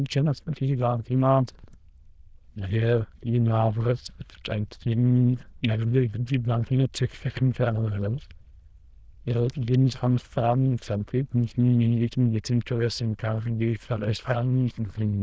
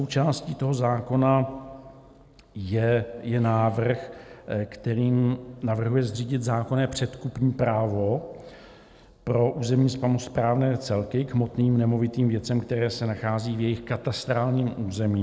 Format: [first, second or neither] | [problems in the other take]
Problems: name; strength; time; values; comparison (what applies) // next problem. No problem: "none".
second | noise reduction (neural diffusion model UNIVERSE++)